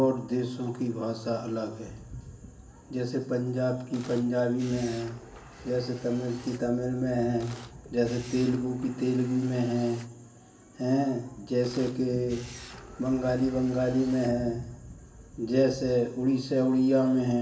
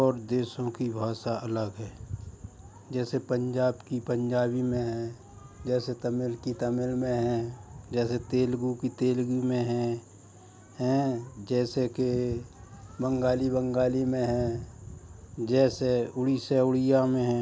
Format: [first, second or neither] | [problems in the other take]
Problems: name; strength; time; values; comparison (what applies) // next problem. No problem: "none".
second | background sound (Camera); 19 dB below the speech // room echo; dies away in 0.9 s